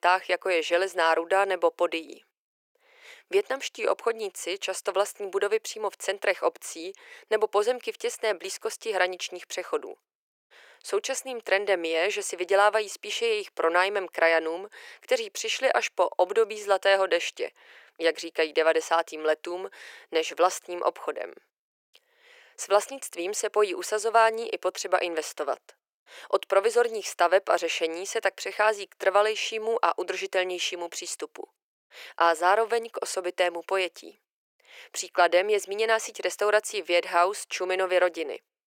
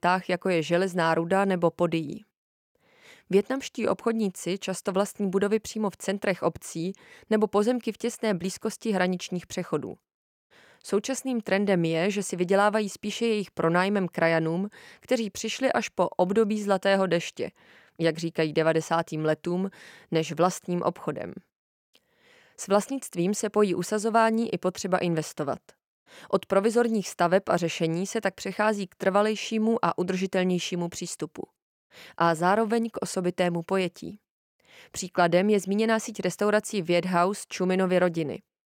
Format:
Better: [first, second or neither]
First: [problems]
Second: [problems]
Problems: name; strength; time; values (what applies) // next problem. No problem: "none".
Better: second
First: thin; very; fading below 400 Hz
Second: none